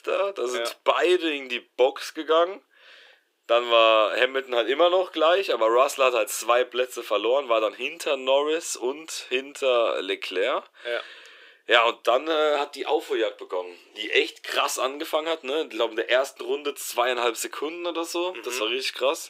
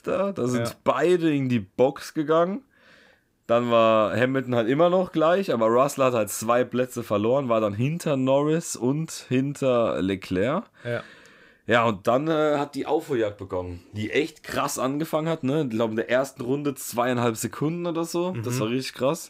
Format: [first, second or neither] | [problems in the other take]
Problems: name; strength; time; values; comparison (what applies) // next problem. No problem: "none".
second | thin; very; fading below 350 Hz